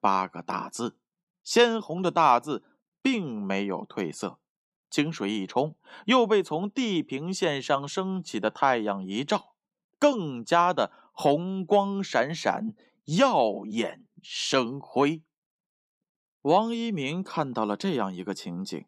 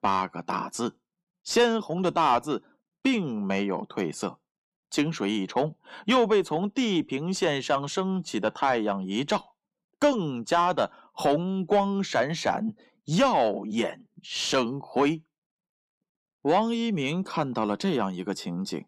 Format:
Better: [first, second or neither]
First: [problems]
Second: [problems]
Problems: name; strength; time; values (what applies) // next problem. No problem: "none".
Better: first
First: none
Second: distortion; slight; 10 dB below the speech